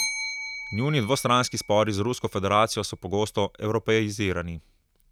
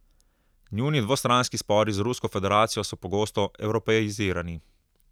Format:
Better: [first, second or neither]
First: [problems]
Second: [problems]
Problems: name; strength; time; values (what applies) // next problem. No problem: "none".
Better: second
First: background sound (Bell); 13 dB below the speech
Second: none